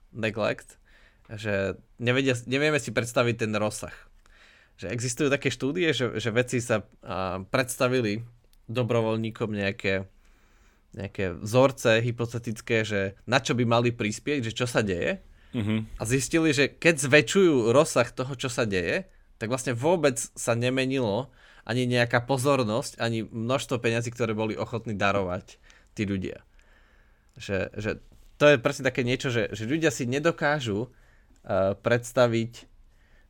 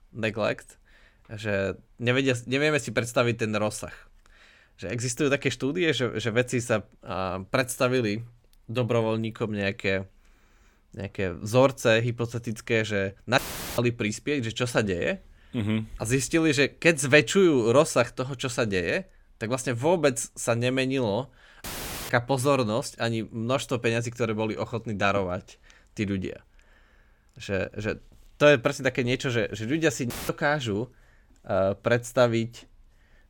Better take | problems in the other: first | audio cutting out; filled with static; at 13 s, at 22 s and at 30 s

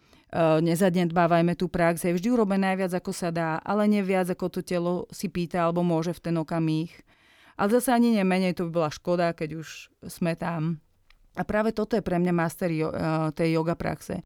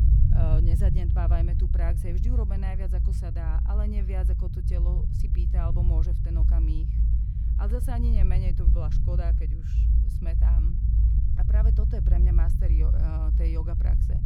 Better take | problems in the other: first | low rumble; loud; throughout; 1 dB below the speech

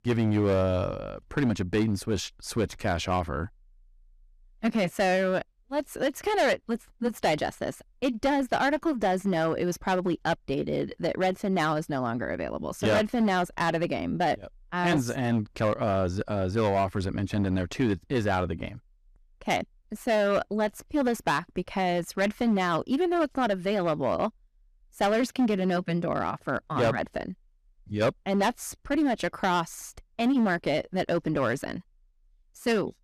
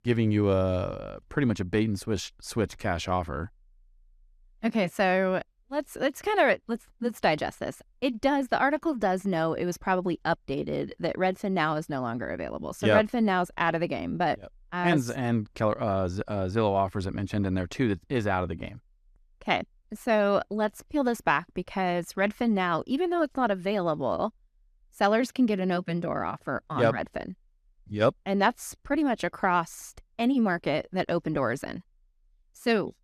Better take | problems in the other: second | distortion; slight; 7% of the sound clipped

